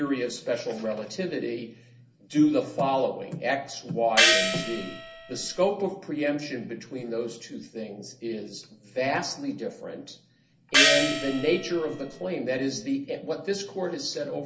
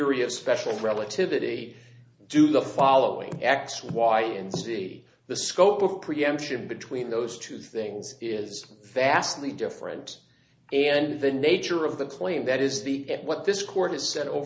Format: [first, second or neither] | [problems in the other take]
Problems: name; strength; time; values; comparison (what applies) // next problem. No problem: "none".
second | background sound (Gong); 4 dB above the speech // room echo; dies away in 0.2 s